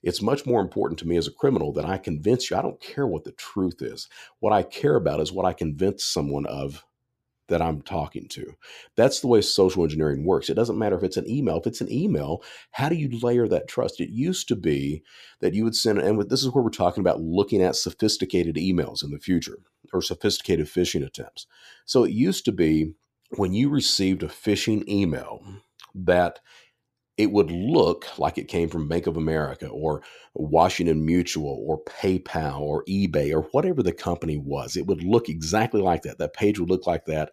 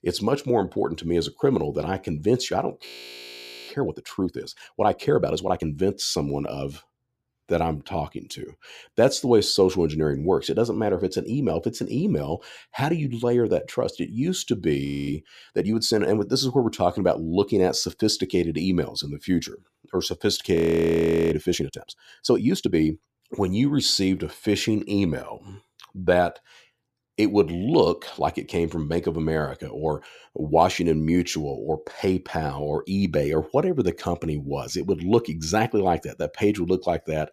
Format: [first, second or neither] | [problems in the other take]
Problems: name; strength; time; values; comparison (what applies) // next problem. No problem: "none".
first | audio freezing; at 3 s for 1 s, at 15 s and at 21 s for 1 s